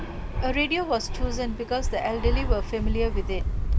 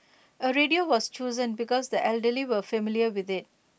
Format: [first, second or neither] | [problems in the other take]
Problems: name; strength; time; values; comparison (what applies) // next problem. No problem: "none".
second | background sound (Fixed-wing aircraft, airplane); 2 dB above the speech